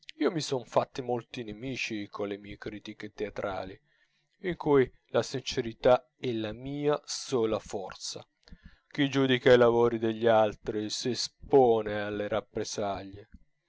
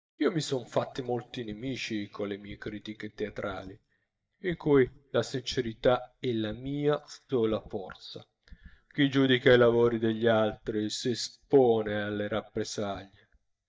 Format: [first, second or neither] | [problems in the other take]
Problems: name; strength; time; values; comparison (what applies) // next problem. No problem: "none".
first | noise reduction (neural mask model DeepFilterNet 3)